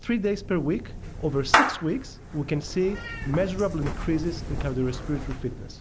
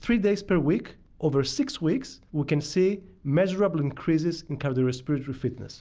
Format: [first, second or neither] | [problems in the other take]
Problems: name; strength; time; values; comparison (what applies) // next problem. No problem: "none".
second | background sound (Meow / Clapping); 2 dB below the speech